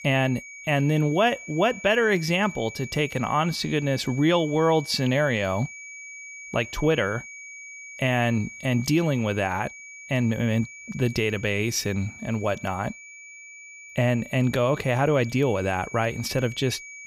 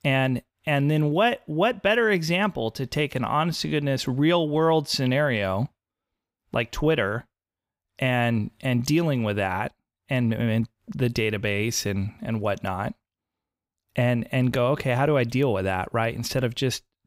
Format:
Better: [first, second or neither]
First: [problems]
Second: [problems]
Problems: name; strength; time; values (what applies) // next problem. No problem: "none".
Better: second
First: high-pitched whine; noticeable; throughout; 2.5 kHz, 15 dB below the speech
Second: none